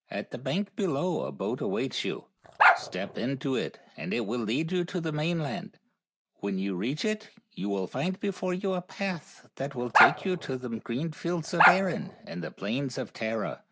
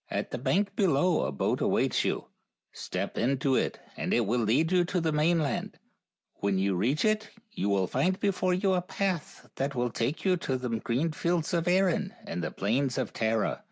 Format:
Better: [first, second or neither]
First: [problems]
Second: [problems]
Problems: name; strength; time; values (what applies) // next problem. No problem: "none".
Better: second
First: background sound (Bark); 5 dB above the speech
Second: none